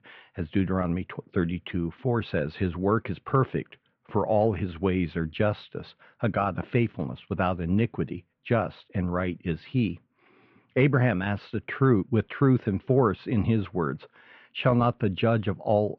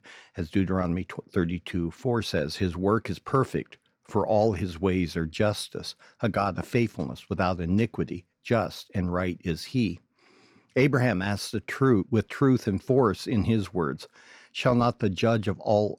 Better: second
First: muffled; very; fading above 3 kHz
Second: none

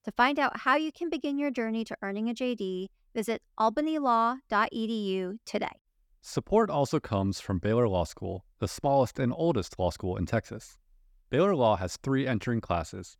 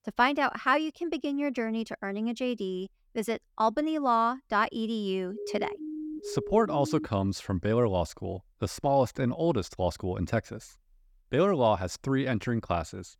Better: first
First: none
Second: siren; noticeable; from 5.5 to 7 s; peak 8 dB below the speech

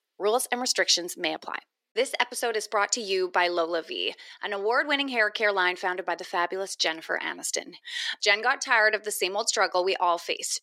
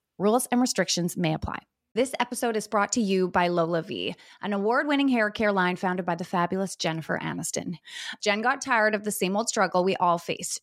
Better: second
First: thin; somewhat; fading below 350 Hz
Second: none

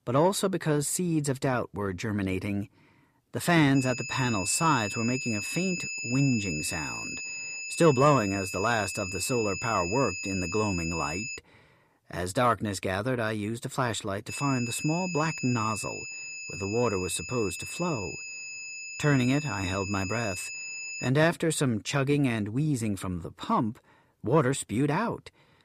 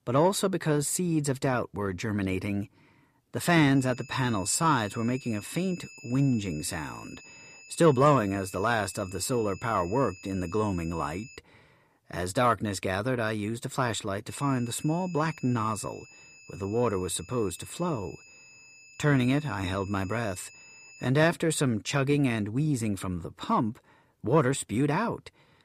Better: second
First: high-pitched whine; loud; from 4 to 11 s and from 14 to 21 s; 2.5 kHz, 6 dB below the speech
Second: high-pitched whine; faint; from 4 to 11 s and from 14 to 21 s; 2.5 kHz, 20 dB below the speech

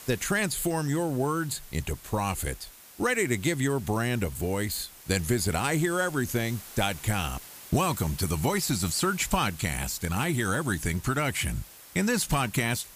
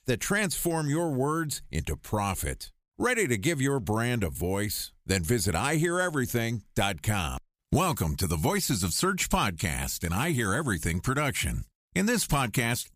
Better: second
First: hiss; noticeable; throughout; 15 dB below the speech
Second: none

